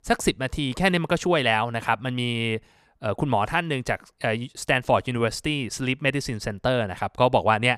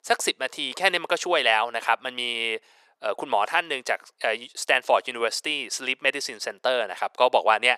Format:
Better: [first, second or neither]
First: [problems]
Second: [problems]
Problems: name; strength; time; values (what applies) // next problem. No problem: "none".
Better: first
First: none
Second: thin; very; fading below 450 Hz